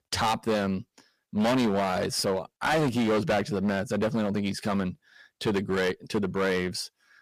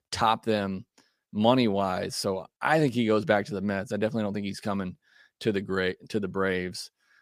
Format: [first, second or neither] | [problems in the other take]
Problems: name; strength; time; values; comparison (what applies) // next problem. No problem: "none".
second | distortion; heavy; 13% of the sound clipped